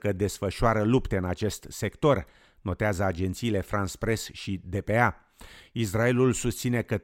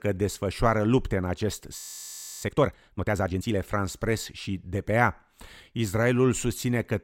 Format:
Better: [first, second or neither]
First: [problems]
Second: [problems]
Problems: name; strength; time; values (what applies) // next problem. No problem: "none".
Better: first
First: none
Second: audio freezing; at 2 s for 0.5 s